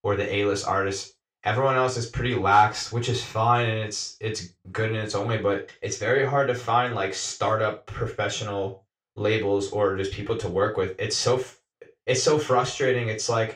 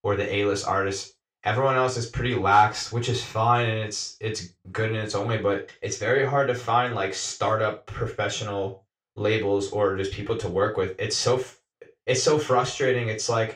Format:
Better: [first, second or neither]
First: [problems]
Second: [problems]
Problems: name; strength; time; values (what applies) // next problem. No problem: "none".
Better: neither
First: room echo; slight; dies away in 0.3 s // off-mic speech; far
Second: room echo; slight; dies away in 0.3 s // off-mic speech; far